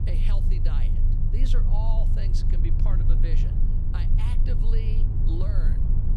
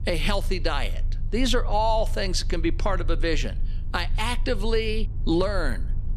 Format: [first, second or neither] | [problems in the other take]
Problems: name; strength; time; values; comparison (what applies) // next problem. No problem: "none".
second | low rumble; loud; throughout; as loud as the speech; faint in the second